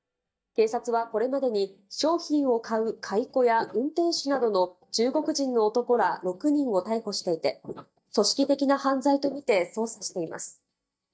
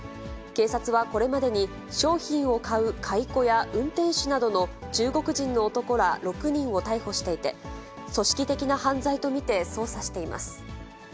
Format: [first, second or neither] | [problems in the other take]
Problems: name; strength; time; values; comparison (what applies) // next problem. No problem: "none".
second | noise reduction (neural mask model DeepFilterNet 3)